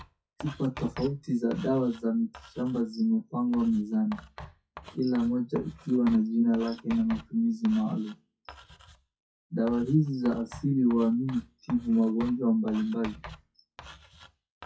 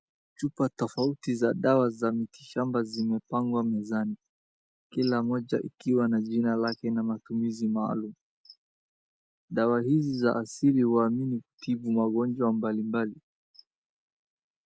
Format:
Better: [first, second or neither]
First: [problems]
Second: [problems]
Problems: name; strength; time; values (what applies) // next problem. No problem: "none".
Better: second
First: noise reduction (classical method WPE with log-MMSE)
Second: none